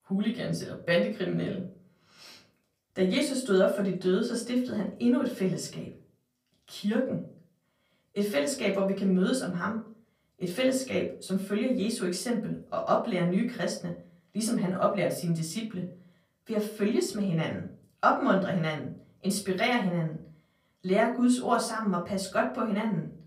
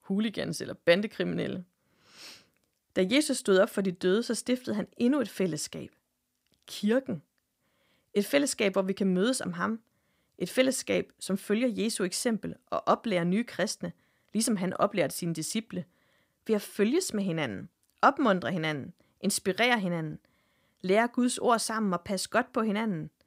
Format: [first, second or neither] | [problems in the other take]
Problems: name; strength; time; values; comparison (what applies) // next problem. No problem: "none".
second | off-mic speech; far // room echo; slight; dies away in 0.3 s